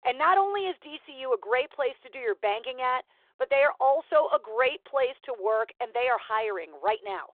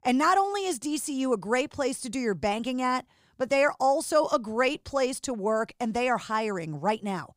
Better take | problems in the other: second | phone-call audio

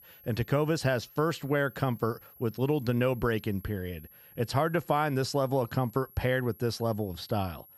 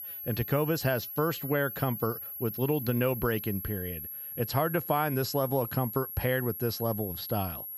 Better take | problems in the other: first | high-pitched whine; loud; throughout; 11.5 kHz, 6 dB below the speech; faint in the first

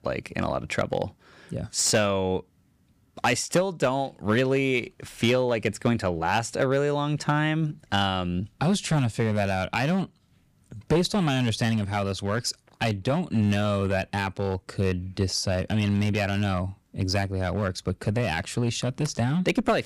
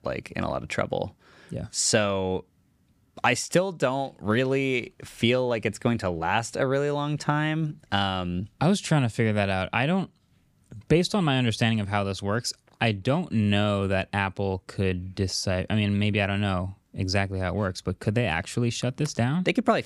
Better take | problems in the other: second | distortion; slight; 4% of the sound clipped

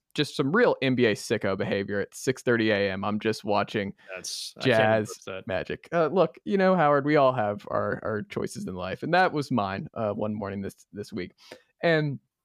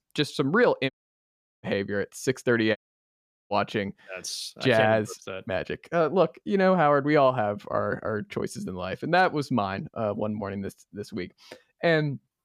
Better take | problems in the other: first | audio cutting out; at 1 s for 0.5 s and at 3 s for 0.5 s

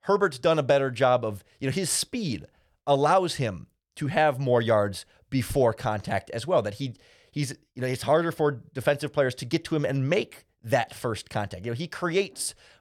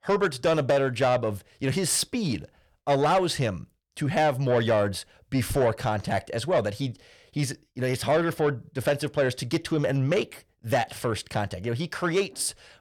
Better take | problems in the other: first | distortion; slight; 10 dB below the speech

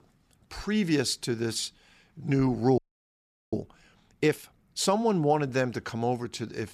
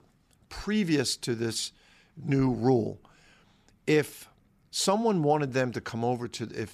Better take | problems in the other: second | audio freezing; at 3 s for 0.5 s

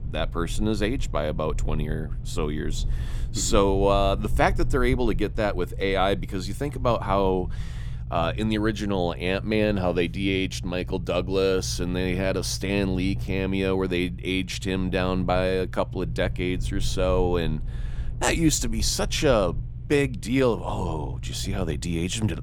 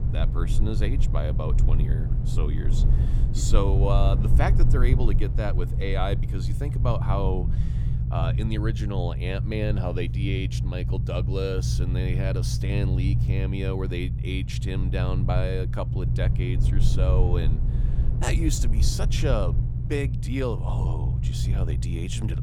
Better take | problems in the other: first | low rumble; loud; throughout; 7 dB below the speech; faint in the first

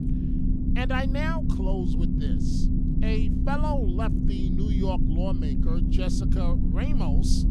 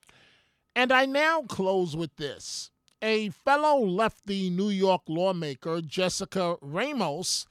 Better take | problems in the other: second | low rumble; loud; throughout; 1 dB below the speech

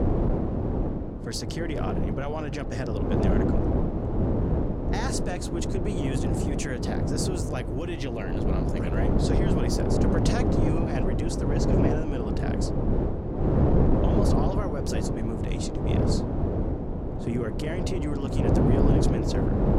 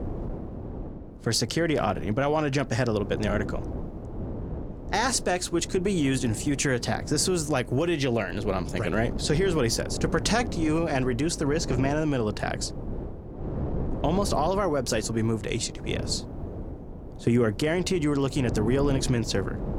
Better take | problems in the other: second | wind noise on the microphone; heavy; 4 dB above the speech; occasional gusts in the second

